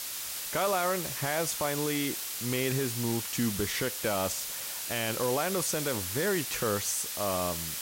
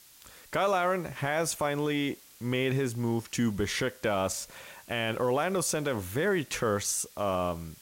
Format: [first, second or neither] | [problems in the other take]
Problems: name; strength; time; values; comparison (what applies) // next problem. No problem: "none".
second | hiss; loud; throughout; 2 dB below the speech; faint in the second